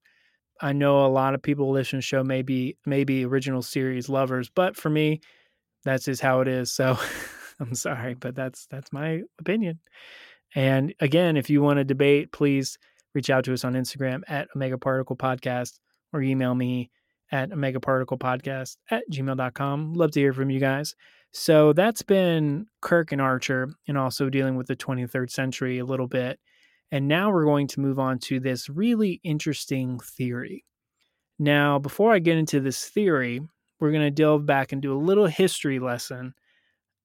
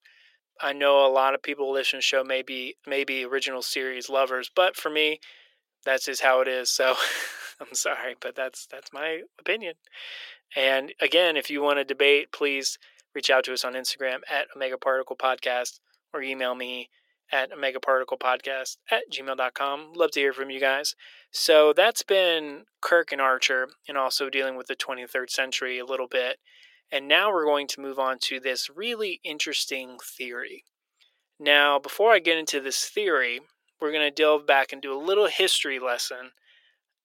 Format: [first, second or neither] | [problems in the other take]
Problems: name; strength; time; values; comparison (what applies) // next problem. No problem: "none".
first | thin; very; fading below 450 Hz